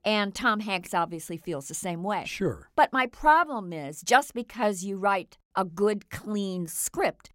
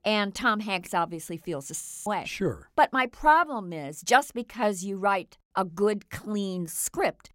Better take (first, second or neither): first